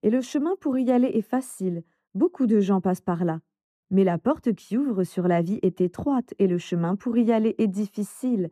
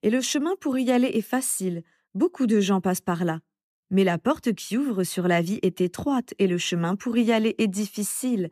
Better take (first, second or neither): second